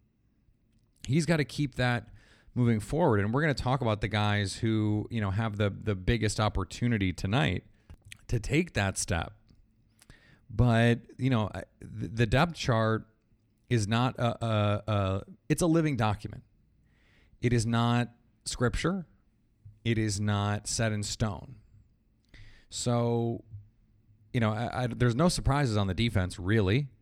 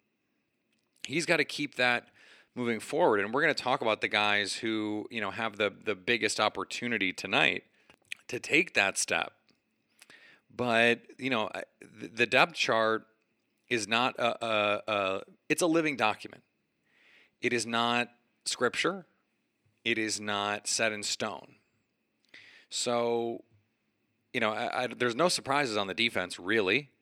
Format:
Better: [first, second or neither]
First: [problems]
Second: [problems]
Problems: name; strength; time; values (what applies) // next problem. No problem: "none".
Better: first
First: none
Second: thin; somewhat; fading below 400 Hz